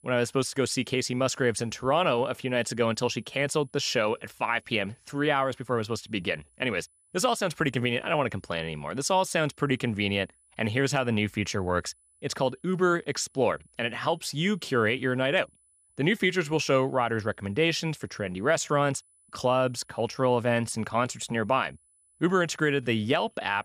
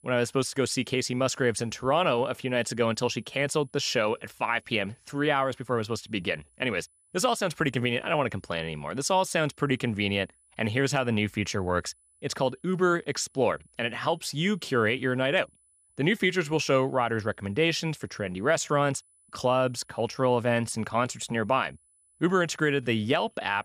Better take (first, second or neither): neither